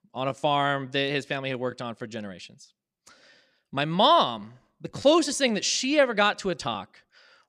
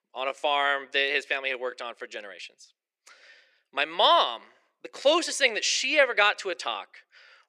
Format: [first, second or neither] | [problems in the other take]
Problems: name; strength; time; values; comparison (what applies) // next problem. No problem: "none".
first | thin; very; fading below 400 Hz